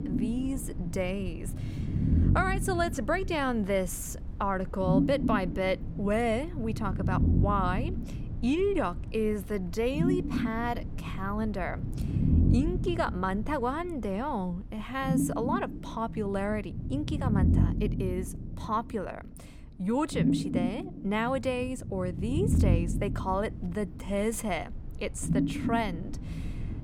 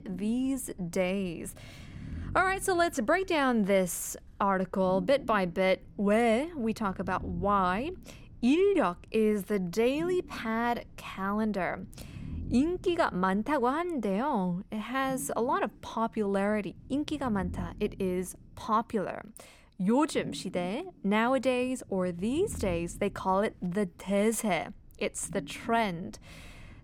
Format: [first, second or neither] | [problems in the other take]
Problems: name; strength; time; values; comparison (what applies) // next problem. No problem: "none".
second | low rumble; loud; throughout; 8 dB below the speech; faint in the second